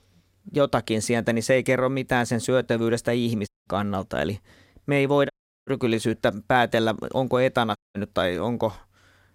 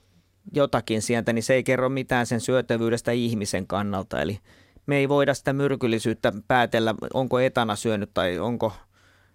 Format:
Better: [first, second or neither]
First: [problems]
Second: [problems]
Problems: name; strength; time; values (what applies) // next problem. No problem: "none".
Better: second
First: audio cutting out; at 3.5 s, at 5.5 s and at 8 s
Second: none